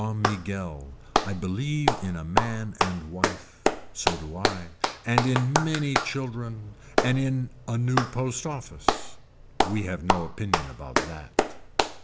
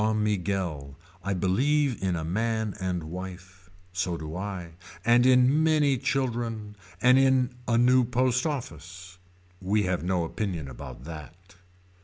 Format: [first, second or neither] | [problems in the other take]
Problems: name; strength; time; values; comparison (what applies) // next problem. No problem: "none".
second | background sound (Clapping); 1 dB above the speech